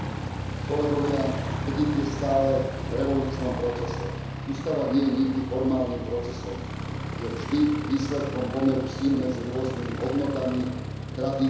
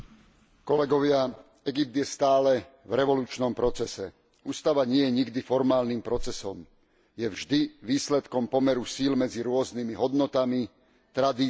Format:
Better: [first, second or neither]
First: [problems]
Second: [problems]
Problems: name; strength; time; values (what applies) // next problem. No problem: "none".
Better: second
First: background sound (Aircraft); 5 dB below the speech // room echo; dies away in 1 s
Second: none